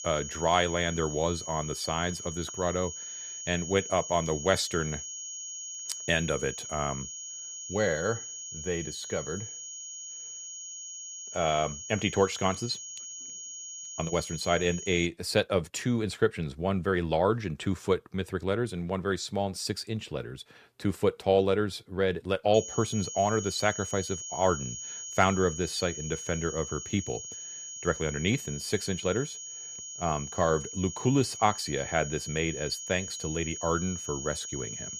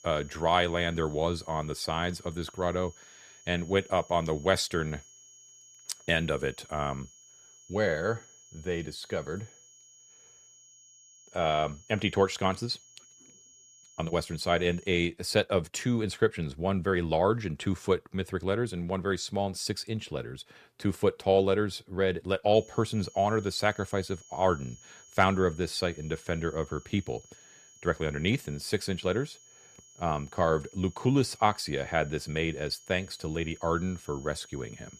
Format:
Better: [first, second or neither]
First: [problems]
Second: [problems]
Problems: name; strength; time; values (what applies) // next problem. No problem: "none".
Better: second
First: high-pitched whine; loud; until 15 s and from 23 s on; 6.5 kHz, 8 dB below the speech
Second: high-pitched whine; faint; until 15 s and from 23 s on; 6.5 kHz, 25 dB below the speech